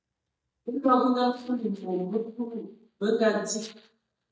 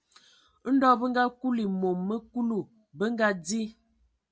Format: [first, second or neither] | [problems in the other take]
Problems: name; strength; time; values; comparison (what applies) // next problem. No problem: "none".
second | noise reduction (neural mask model DeepFilterNet 3)